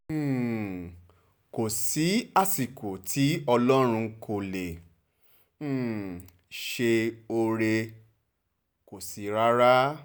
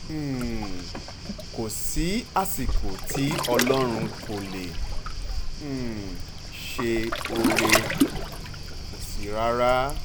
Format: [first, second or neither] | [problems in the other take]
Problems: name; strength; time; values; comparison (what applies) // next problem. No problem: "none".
first | background sound (Waves, surf); 1 dB above the speech